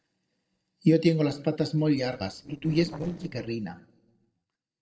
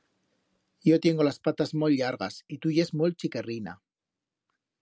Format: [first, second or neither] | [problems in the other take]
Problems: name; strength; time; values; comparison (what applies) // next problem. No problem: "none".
second | noise reduction (neural separator model SepFormer DNS4)